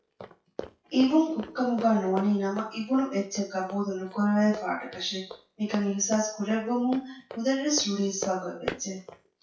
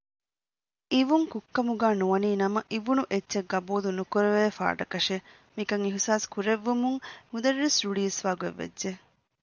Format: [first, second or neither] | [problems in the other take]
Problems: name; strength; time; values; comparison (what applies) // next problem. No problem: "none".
second | noise reduction (classical method WPE with log-MMSE)